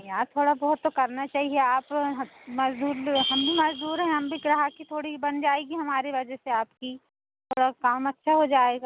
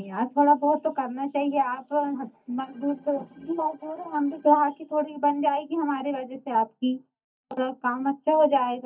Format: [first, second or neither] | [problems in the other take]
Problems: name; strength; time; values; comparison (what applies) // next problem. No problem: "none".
first | noise reduction (neural mask model DeepFilterNet 3)